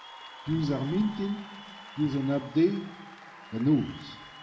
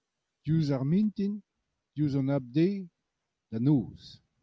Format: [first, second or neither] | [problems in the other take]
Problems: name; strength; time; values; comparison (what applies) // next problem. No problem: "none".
second | background sound (Applause / Cheering); 17 dB below the speech // room echo; dies away in 0.8 s